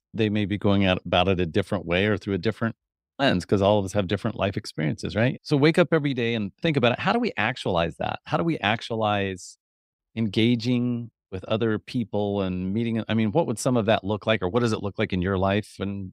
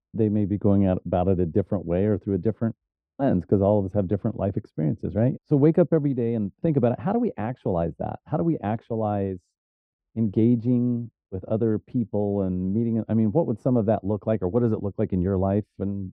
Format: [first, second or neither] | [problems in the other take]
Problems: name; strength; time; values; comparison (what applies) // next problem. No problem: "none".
first | muffled; very; fading above 1.5 kHz